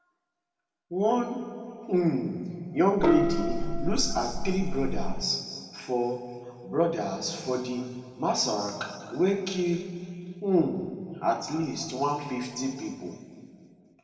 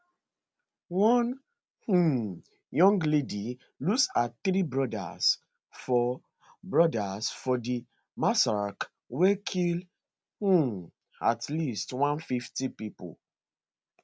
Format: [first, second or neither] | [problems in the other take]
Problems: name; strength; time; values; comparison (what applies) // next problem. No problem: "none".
second | background sound (Gong); 3 dB above the speech // room echo; dies away in 2 s